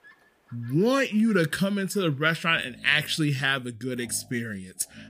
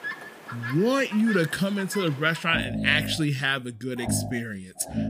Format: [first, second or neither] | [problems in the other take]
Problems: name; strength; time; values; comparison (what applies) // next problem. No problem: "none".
first | animal sounds; loud; throughout; 9 dB below the speech; faint in the first